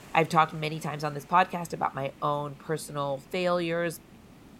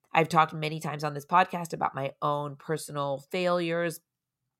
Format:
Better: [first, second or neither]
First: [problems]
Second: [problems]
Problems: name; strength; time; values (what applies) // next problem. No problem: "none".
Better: second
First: hiss; faint; throughout; 20 dB below the speech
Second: none